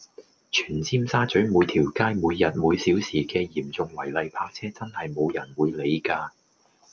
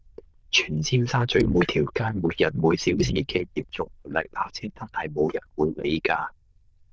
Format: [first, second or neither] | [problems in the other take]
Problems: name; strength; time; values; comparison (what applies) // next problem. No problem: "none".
first | noise reduction (neural diffusion model UNIVERSE++)